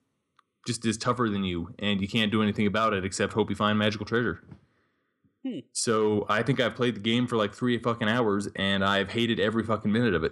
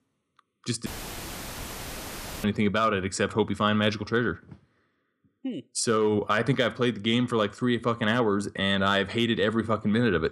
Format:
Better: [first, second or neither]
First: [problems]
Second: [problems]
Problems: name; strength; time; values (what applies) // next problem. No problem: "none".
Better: first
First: none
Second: audio cutting out; filled with static; at 1 s for 1.5 s